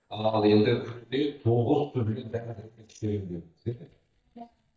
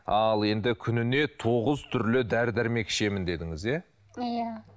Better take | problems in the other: second | noise reduction (neural mask model DeepFilterNet 3)

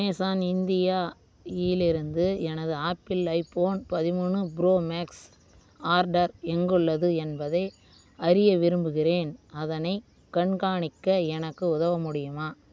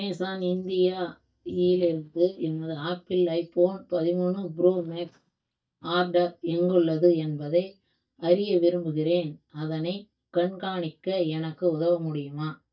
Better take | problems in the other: first | noise reduction (neural mask model DeepFilterNet 3)

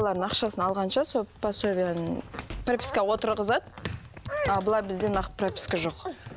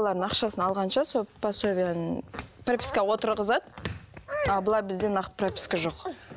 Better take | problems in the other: second | background sound (Typing + Sliding door / Slam); 16 dB below the speech

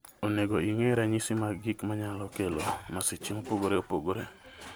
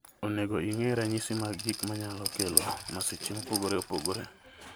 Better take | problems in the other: first | background sound (Rattle); 3 dB below the speech

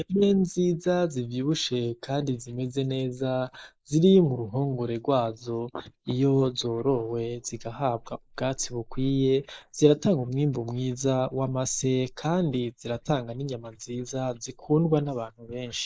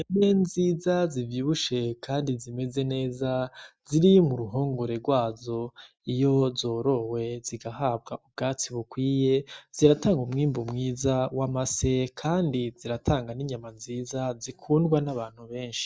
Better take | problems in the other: second | noise reduction (neural mask model Resemble Enhance denoiser)

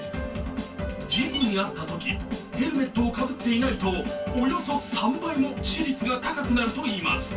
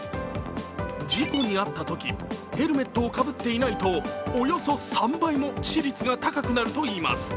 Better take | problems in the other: second | room echo; dies away in 0.1 s

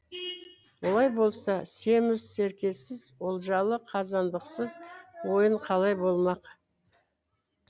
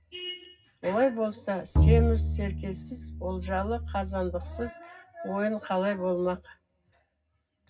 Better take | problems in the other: first | background sound (Bowed string instrument); 4 dB above the speech // room echo; dies away in 0.4 s

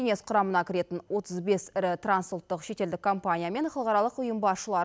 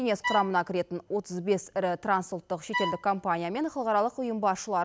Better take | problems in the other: first | background sound (Bowed string instrument); 6 dB below the speech

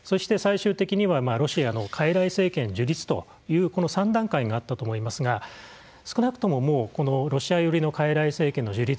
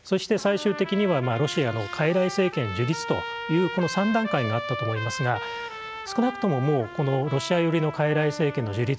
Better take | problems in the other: first | background sound (Trumpet); 10 dB below the speech

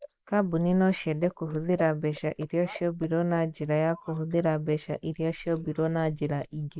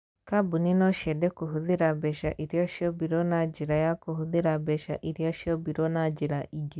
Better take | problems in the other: second | noise reduction (neural mask model Resemble Enhance denoiser)

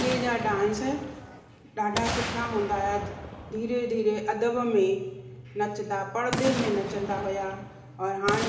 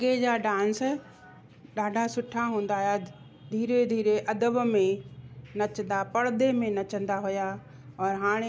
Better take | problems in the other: second | background sound (Boom); 8 dB below the speech // room echo; dies away in 1.2 s

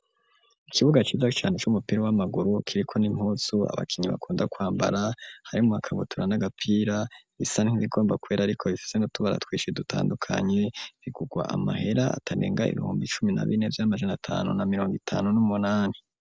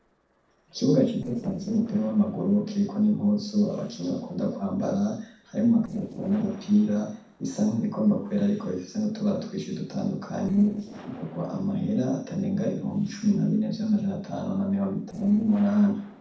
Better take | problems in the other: first | noise reduction (neural separator model SepFormer DNS4)

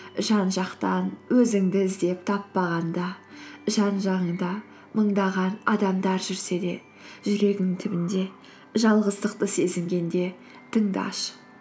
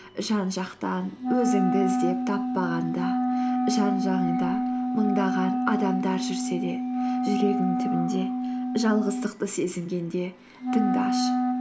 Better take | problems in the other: first | background sound (Wind instrument, woodwind instrument); 1 dB above the speech

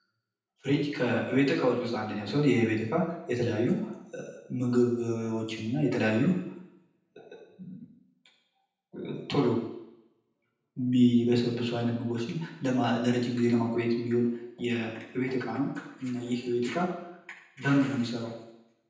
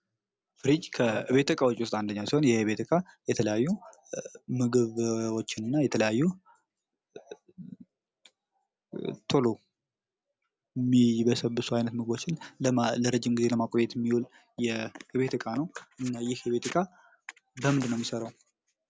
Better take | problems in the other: second | room echo; dies away in 0.9 s

